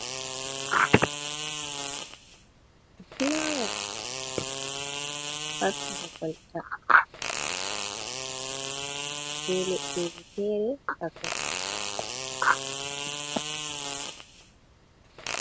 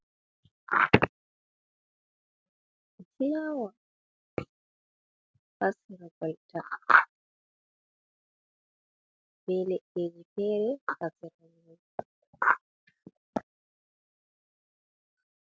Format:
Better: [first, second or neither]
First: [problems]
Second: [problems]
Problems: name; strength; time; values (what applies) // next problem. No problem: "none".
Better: second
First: background sound (Fart); 3 dB below the speech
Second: none